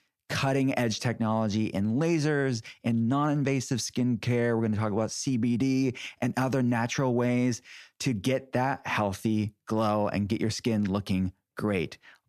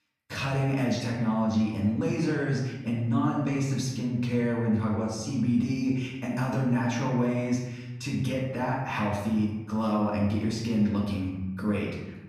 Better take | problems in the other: first | off-mic speech; far // room echo; noticeable; dies away in 1.1 s

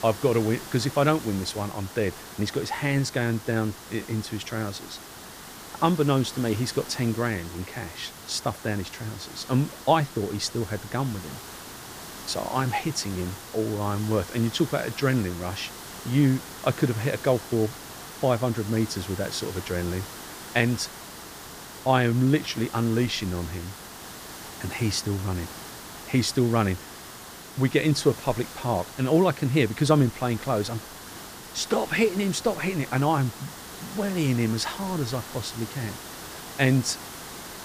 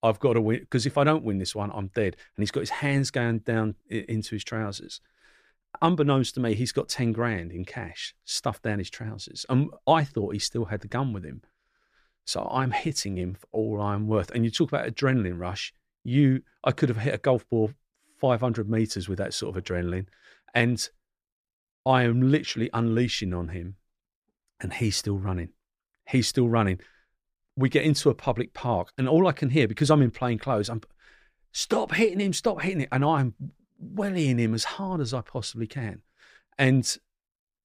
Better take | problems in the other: second | hiss; noticeable; throughout; 15 dB below the speech

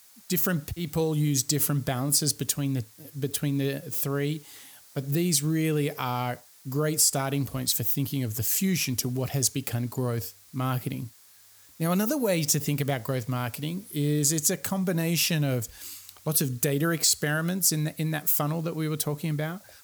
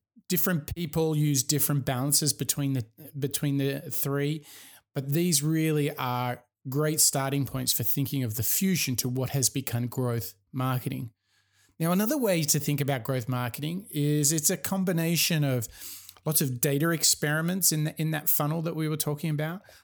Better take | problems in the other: second | hiss; faint; throughout; 25 dB below the speech

